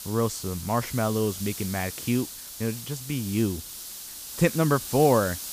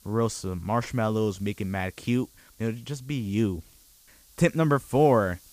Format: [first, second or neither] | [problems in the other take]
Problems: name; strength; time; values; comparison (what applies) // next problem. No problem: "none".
second | hiss; loud; throughout; 9 dB below the speech; faint in the second